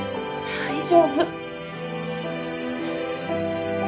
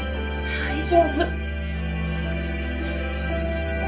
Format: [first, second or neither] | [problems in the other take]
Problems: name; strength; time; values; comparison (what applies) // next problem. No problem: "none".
first | background sound (Musical instrument); 1 dB below the speech // room echo; dies away in 0.1 s